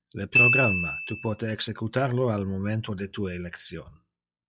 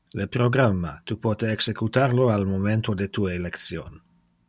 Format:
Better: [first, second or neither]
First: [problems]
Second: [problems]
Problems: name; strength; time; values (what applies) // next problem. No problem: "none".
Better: second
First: noise reduction (classical method log-MMSE)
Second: none